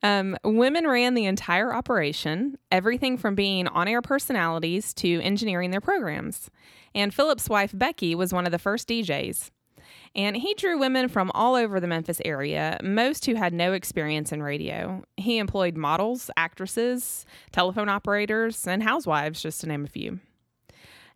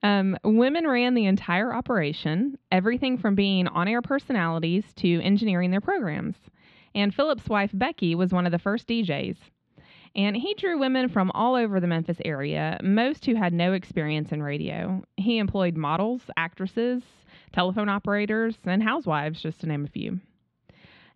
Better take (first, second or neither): first